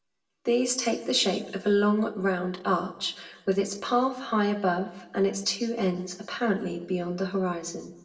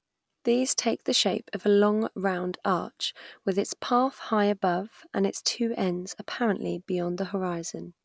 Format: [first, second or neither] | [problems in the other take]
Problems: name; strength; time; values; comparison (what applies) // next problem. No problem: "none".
second | room echo; dies away in 0.7 s